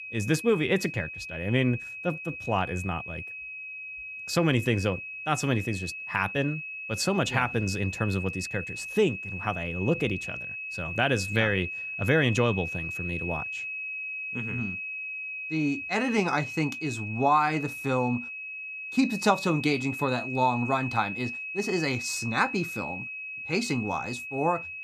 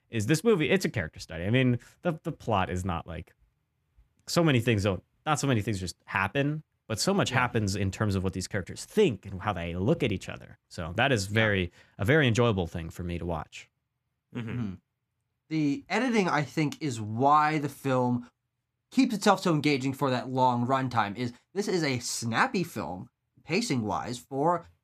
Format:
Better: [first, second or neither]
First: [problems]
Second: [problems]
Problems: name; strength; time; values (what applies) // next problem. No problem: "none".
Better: second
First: high-pitched whine; loud; throughout; 2.5 kHz, 6 dB below the speech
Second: none